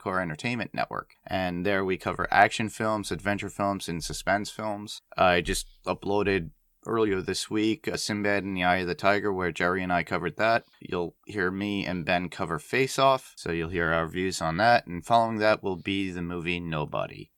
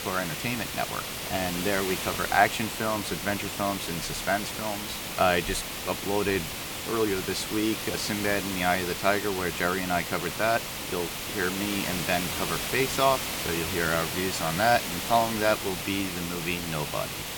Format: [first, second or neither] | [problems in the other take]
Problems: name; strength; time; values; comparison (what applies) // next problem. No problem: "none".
first | hiss; loud; throughout; 3 dB below the speech